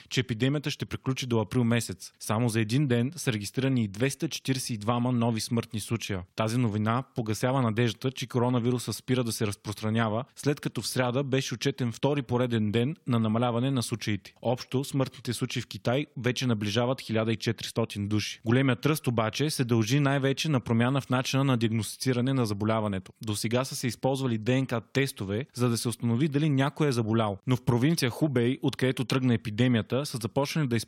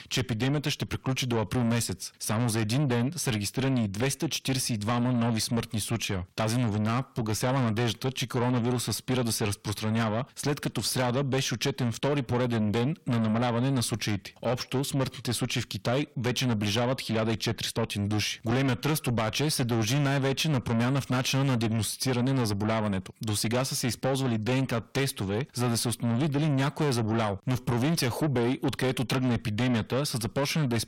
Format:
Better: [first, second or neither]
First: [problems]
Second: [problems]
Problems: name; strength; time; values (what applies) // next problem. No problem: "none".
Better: first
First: none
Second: distortion; heavy; 7 dB below the speech